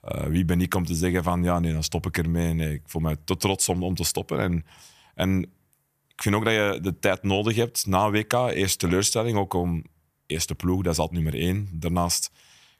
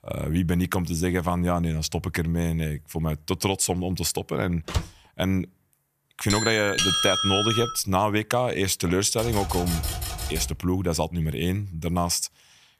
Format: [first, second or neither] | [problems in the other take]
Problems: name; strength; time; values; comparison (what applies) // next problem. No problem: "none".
first | door banging; noticeable; at 4.5 s; peak 5 dB below the speech // doorbell; loud; from 6.5 to 8 s; peak 5 dB above the speech // keyboard typing; noticeable; from 9 to 11 s; peak 3 dB below the speech